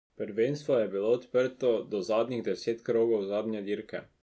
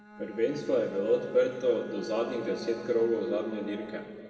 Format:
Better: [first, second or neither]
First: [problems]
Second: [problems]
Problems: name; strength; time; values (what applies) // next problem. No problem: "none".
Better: first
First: none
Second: background sound (Bowed string instrument); 16 dB below the speech // room echo; dies away in 2.3 s